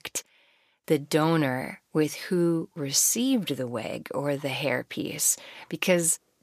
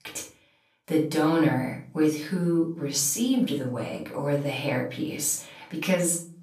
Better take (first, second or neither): first